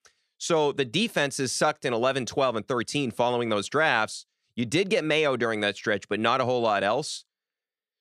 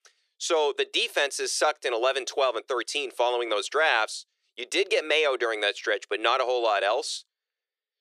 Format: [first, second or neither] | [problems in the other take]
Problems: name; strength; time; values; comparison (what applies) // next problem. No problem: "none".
first | thin; very; fading below 350 Hz